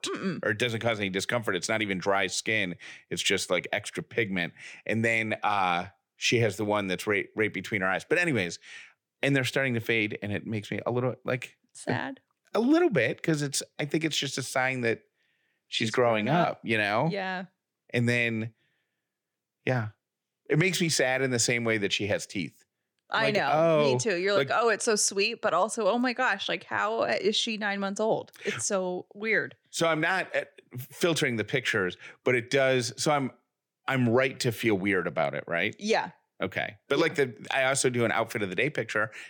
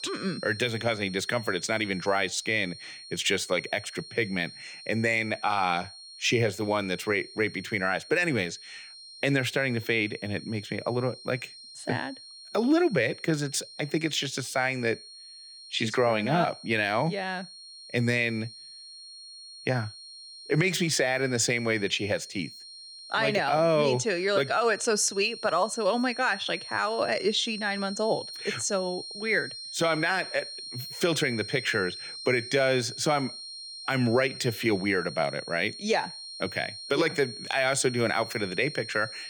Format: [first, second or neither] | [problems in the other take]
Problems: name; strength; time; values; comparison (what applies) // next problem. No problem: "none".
first | high-pitched whine; noticeable; throughout; 4 kHz, 15 dB below the speech